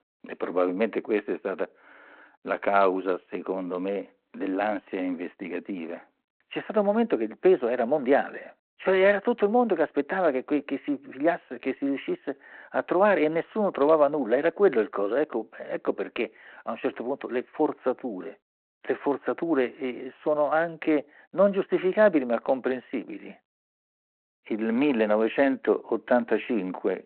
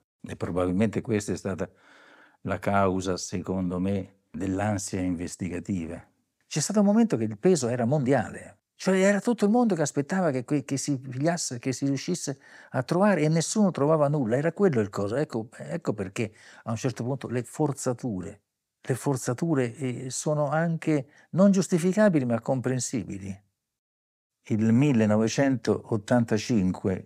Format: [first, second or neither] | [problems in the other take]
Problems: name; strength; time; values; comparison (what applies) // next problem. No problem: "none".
second | phone-call audio; nothing above 4 kHz